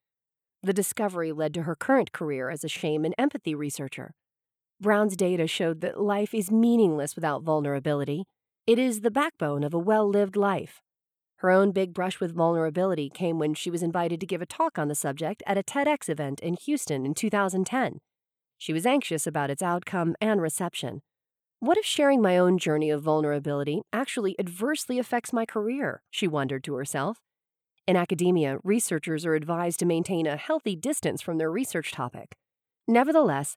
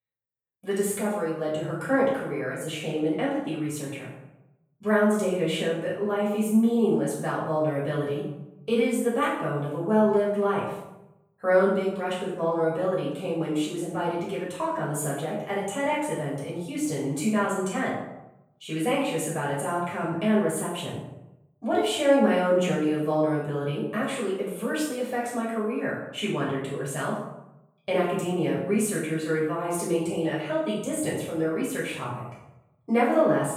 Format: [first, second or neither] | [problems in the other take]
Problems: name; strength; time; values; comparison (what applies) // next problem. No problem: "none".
first | off-mic speech; far // room echo; noticeable; dies away in 0.7 s